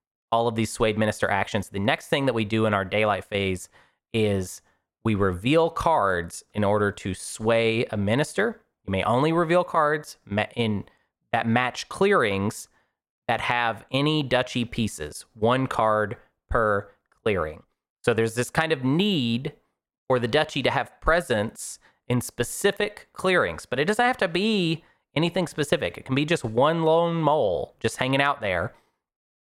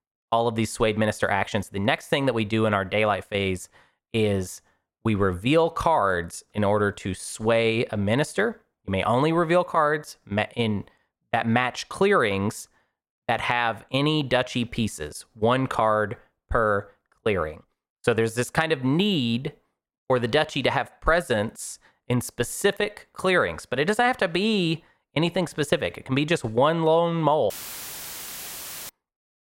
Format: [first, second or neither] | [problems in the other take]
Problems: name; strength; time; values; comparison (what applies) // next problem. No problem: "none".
first | audio cutting out; filled with static; at 28 s for 1.5 s